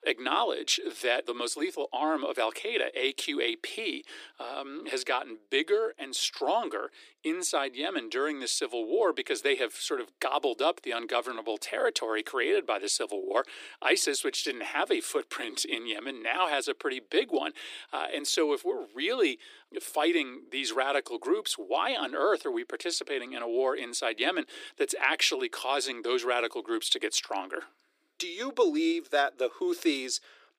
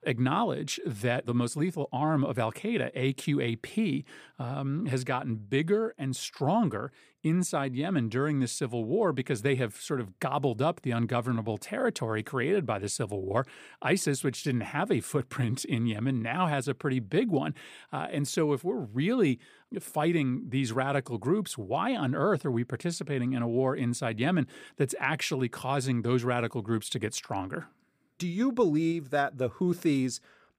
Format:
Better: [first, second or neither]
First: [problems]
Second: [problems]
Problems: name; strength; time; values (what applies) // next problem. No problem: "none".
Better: second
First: thin; very; fading below 300 Hz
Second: none